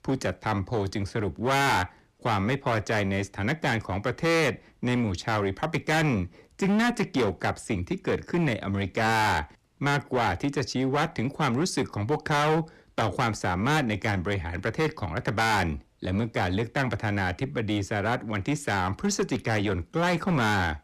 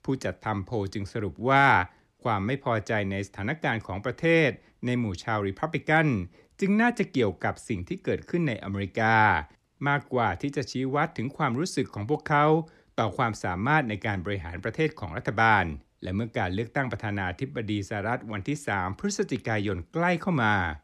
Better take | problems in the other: second | distortion; heavy; 15% of the sound clipped

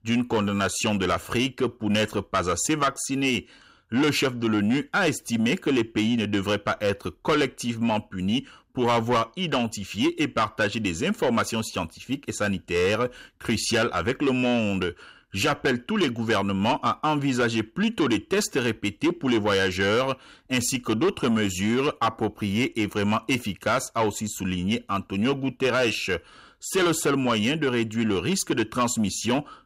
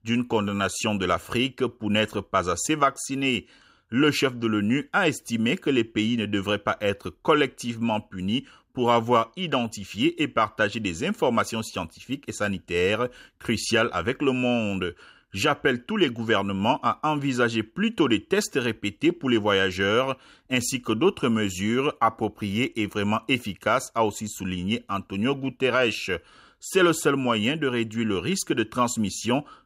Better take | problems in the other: second | distortion; slight; 10 dB below the speech

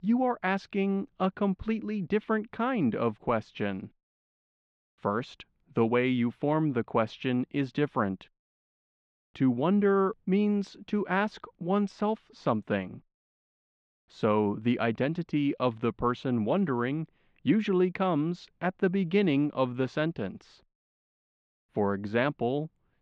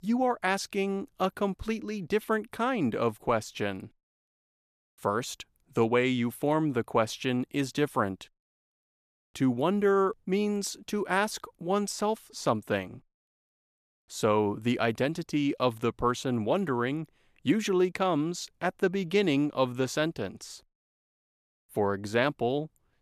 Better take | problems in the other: second | muffled; slightly; fading above 3.5 kHz

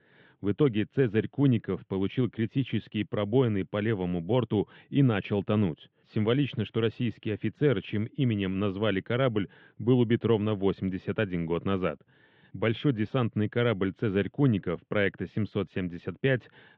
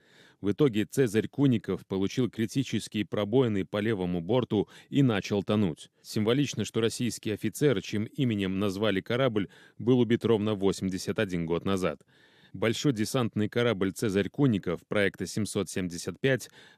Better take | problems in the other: second | muffled; very; fading above 3 kHz

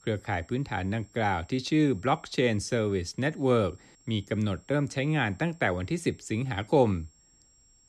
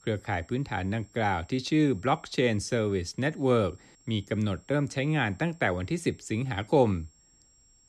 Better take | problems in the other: neither | high-pitched whine; faint; throughout; 7.5 kHz, 30 dB below the speech; the same in both

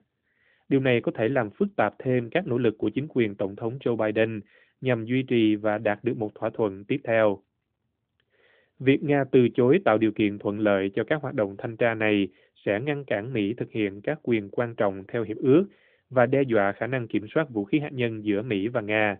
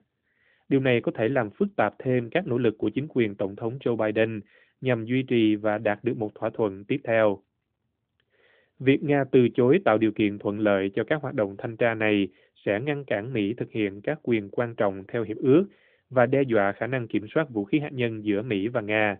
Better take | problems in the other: neither | phone-call audio; nothing above 3.5 kHz; the same in both

